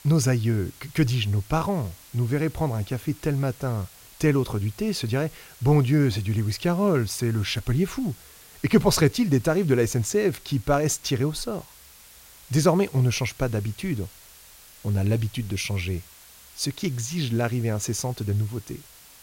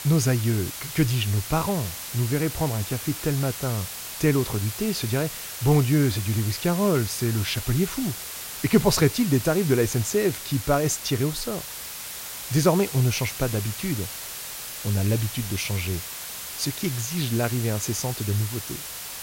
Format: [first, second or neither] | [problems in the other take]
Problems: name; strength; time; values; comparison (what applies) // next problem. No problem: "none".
first | hiss; loud; throughout; 8 dB below the speech; faint in the first